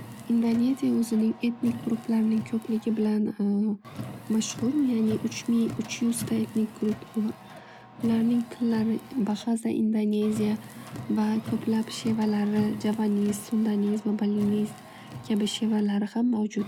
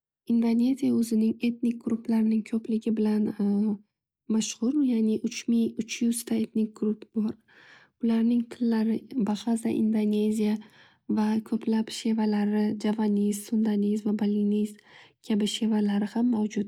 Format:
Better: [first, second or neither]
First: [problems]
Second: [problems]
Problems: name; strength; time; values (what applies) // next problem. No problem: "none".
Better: second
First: background sound (Car); 15 dB below the speech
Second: none